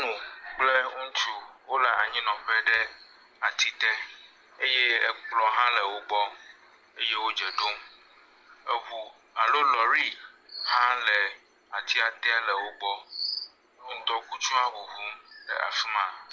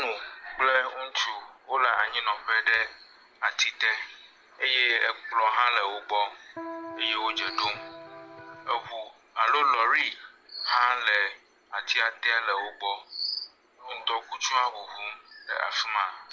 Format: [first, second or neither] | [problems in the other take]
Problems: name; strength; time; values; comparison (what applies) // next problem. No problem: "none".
first | background sound (Electric guitar); 13 dB below the speech